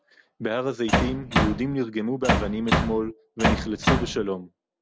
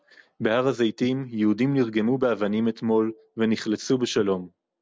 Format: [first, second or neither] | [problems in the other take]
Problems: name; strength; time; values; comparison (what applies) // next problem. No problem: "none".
second | background sound (Bass drum); 4 dB above the speech